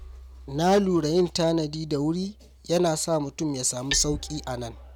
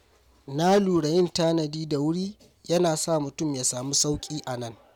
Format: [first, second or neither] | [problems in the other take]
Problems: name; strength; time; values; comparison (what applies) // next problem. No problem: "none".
second | background sound (Hammer); 16 dB below the speech